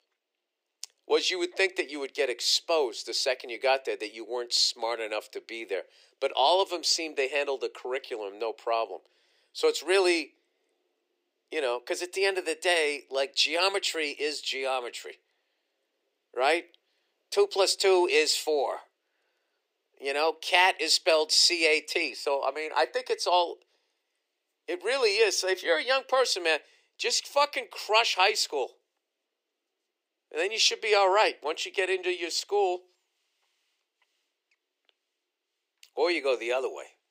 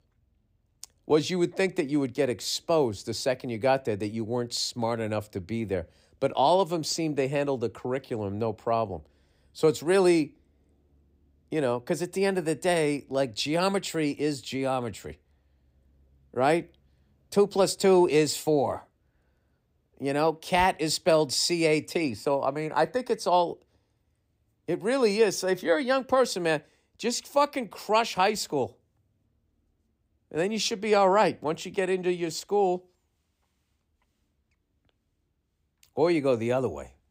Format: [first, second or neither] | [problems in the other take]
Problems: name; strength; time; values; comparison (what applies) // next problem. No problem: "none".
second | thin; very; fading below 350 Hz